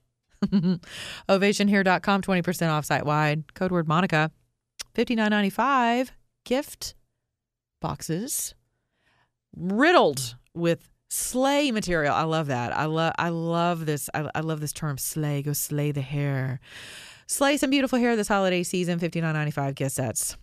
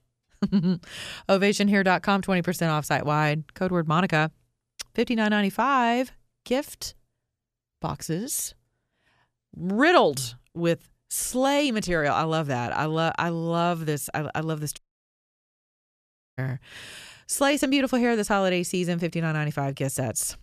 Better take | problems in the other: first | audio cutting out; at 15 s for 1.5 s

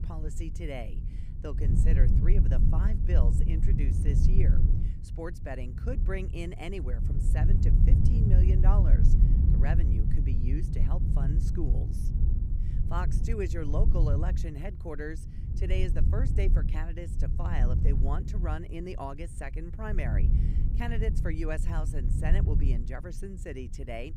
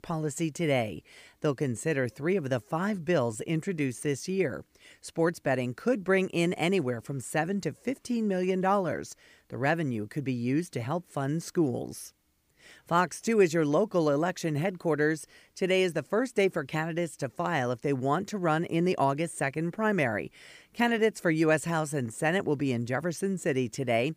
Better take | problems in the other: second | wind noise on the microphone; heavy; 3 dB below the speech

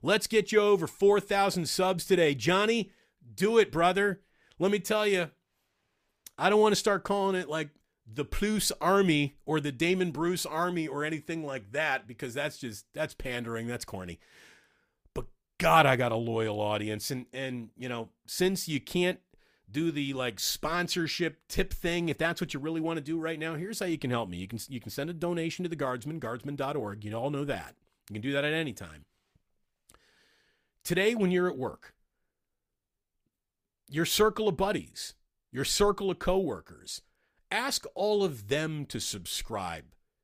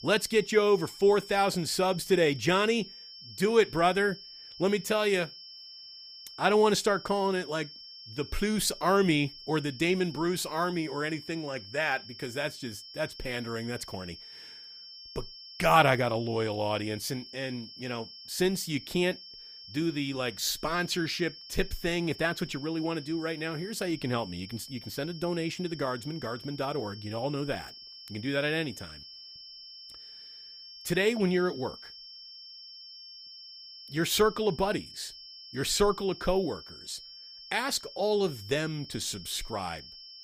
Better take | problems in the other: first | high-pitched whine; noticeable; throughout; 5.5 kHz, 15 dB below the speech

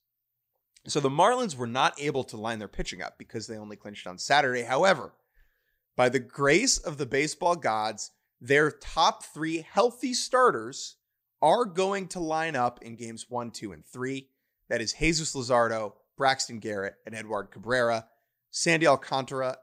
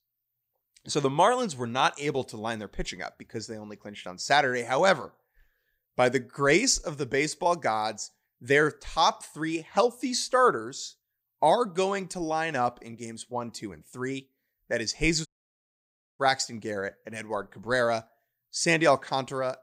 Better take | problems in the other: first | audio cutting out; at 15 s for 1 s

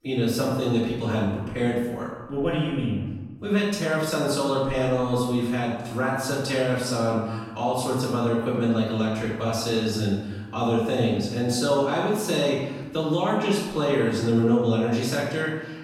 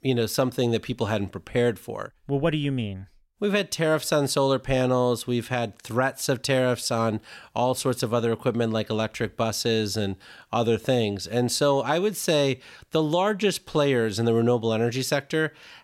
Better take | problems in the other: second | off-mic speech; far // room echo; noticeable; dies away in 1.2 s

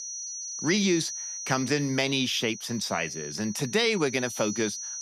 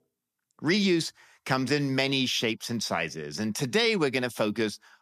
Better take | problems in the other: second | high-pitched whine; loud; throughout; 6 kHz, 8 dB below the speech

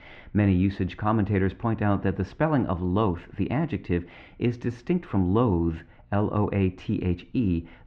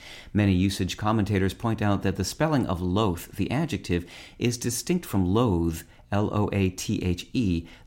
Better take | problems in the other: second | muffled; very; fading above 2.5 kHz

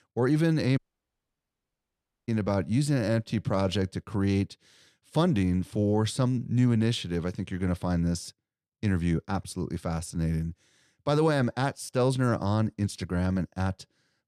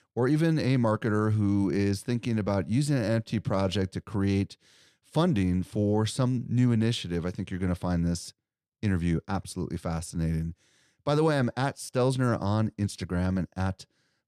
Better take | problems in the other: second | audio cutting out; at 1 s for 1.5 s

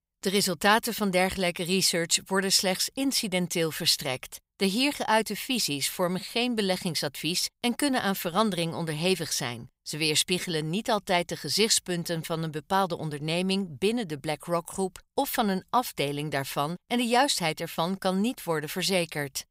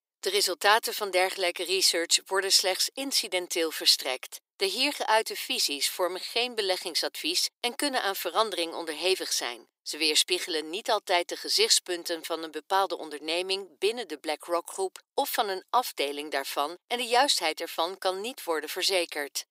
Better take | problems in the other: first | thin; very; fading below 300 Hz

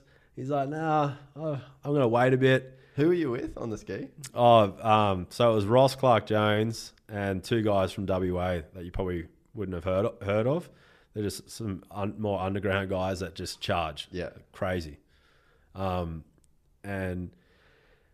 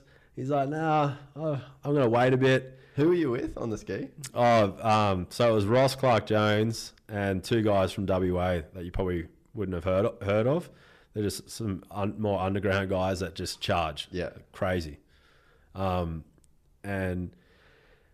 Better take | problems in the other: first | distortion; slight; 10 dB below the speech

